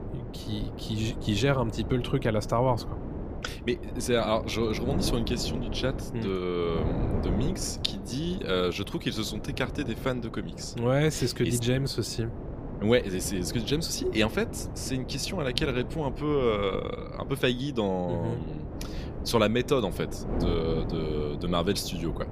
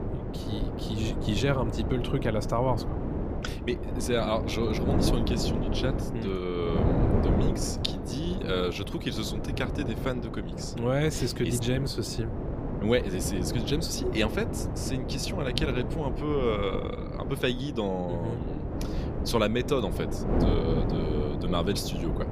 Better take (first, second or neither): first